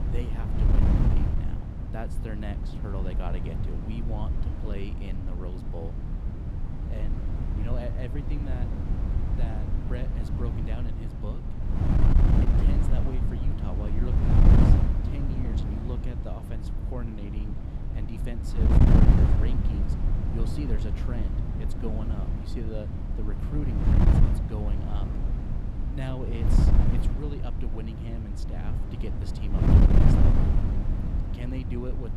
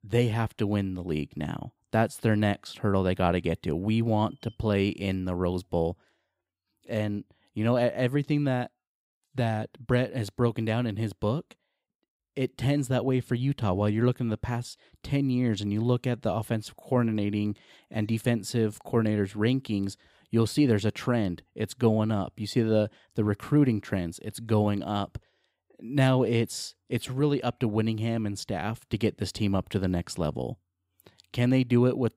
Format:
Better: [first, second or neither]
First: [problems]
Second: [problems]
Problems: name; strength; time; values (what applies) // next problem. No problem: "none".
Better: second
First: wind noise on the microphone; heavy; 4 dB above the speech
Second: none